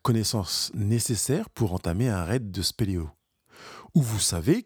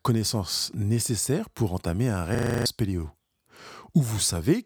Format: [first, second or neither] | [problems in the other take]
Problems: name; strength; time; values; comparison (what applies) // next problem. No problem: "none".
first | audio freezing; at 2.5 s